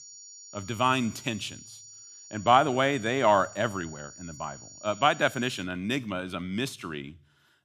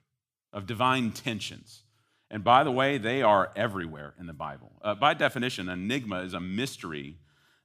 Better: second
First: high-pitched whine; noticeable; until 5.5 s; 7 kHz, 20 dB below the speech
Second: none

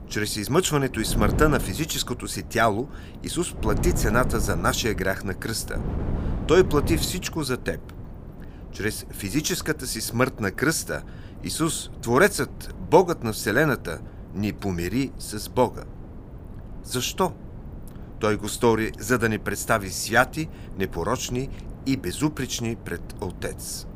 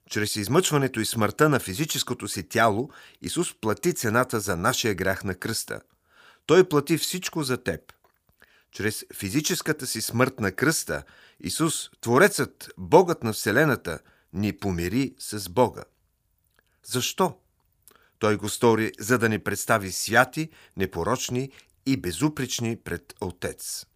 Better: second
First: wind noise on the microphone; occasional gusts; 20 dB below the speech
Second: none

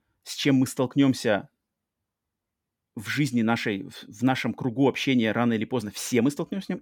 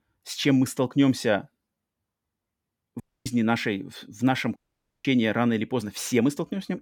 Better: first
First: none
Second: audio cutting out; at 3 s and at 4.5 s

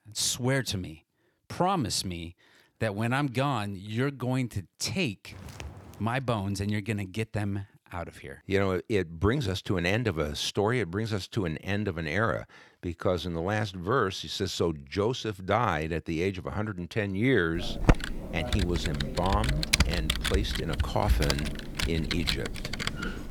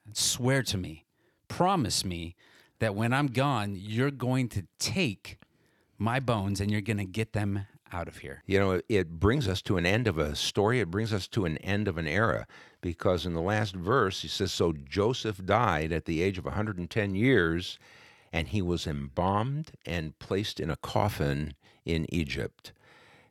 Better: second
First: footsteps; faint; at 5.5 s; peak 15 dB below the speech // keyboard typing; loud; from 18 s on; peak 5 dB above the speech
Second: none

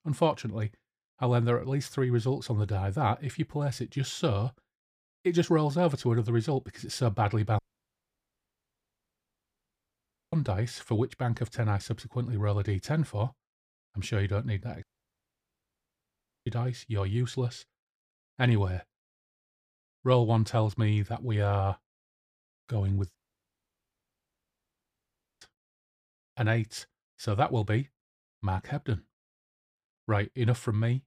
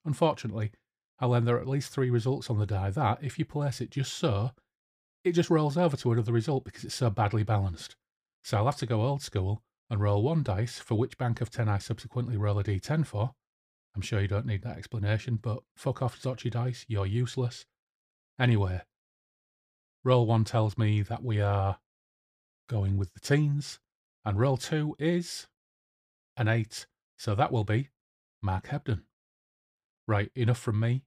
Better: second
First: audio cutting out; at 7.5 s for 2.5 s, at 15 s for 1.5 s and at 23 s for 2.5 s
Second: none

